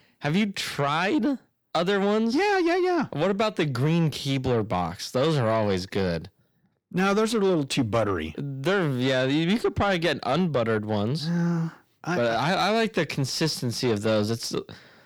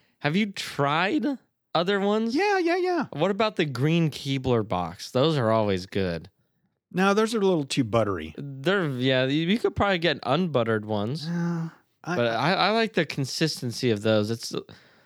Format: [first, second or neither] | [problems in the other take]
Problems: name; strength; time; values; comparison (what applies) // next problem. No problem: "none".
second | distortion; slight; 10 dB below the speech